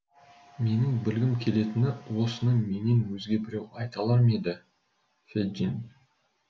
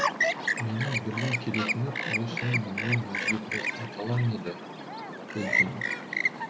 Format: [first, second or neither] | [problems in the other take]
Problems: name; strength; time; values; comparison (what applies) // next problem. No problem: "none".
first | background sound (Chirp, tweet); 2 dB above the speech